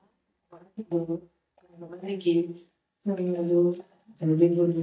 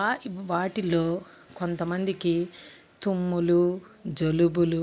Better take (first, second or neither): second